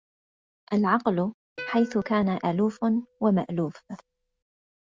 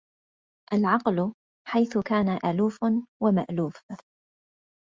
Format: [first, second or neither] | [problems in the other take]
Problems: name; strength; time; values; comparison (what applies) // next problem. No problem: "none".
second | background sound (Plucked string instrument); 19 dB below the speech